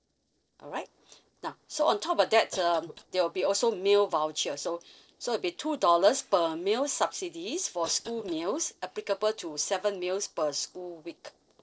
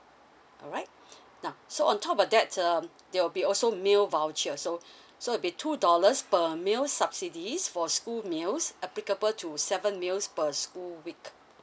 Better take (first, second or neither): second